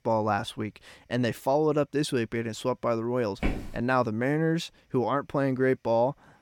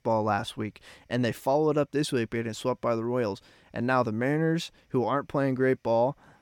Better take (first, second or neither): second